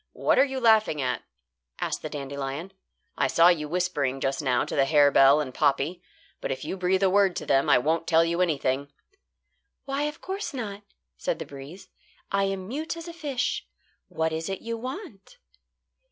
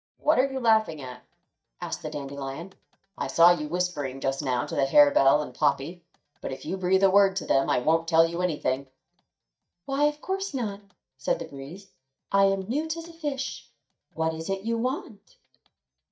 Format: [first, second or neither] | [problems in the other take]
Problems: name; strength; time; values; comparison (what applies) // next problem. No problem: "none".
first | noise reduction (neural mask model DeepFilterNet 3)